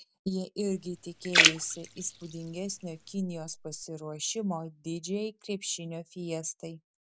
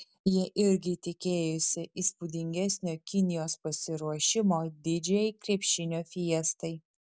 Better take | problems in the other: second | background sound (Splash, splatter); 5 dB above the speech

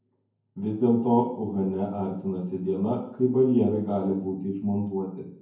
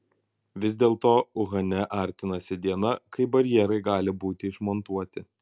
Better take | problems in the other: second | room echo; dies away in 0.9 s

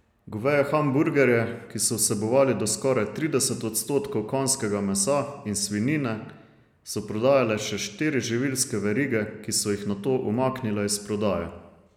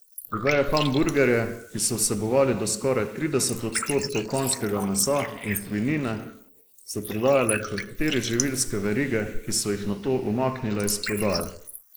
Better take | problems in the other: first | noise reduction (neural mask model Resemble Enhance denoiser)

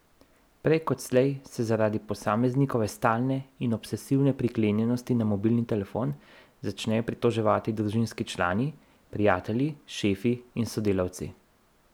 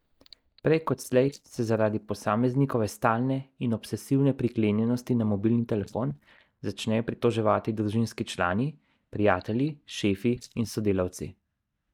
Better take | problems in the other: first | noise reduction (neural mask model DeepFilterNet 3)

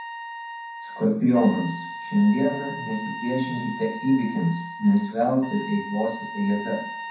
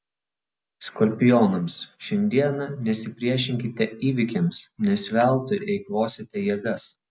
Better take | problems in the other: second | background sound (Trumpet); 11 dB below the speech // room echo; dies away in 0.6 s

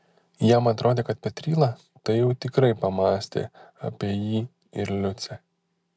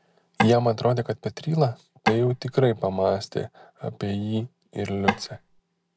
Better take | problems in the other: first | background sound (Tap / Wood); 3 dB below the speech

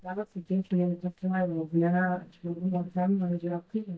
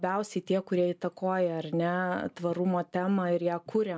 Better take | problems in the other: second | noise reduction (neural mask model DeepFilterNet 3)

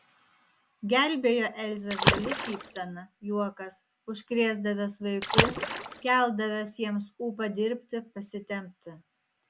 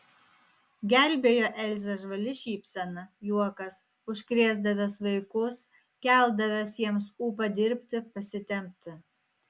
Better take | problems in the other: second | background sound (Water / Splash, splatter); as loud as the speech

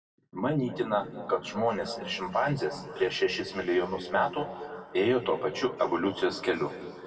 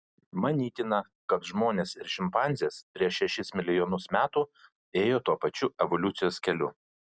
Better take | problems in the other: second | room echo; dies away in 2.4 s

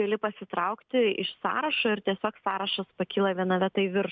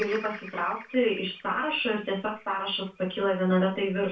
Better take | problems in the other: first | background sound (Bird vocalization, bird call, bird song); 19 dB below the speech // room echo; dies away in 0.3 s

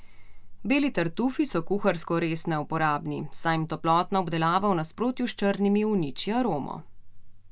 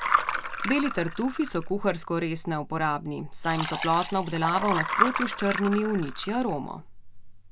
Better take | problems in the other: first | background sound (Liquid); 4 dB below the speech

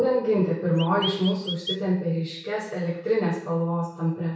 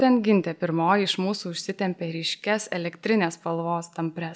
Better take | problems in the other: second | background sound (Chirp, tweet); 9 dB below the speech // room echo; dies away in 0.6 s

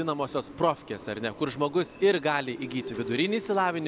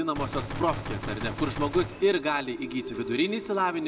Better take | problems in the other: first | background sound (Gunshot, gunfire); 8 dB below the speech // room echo; dies away in 1.4 s

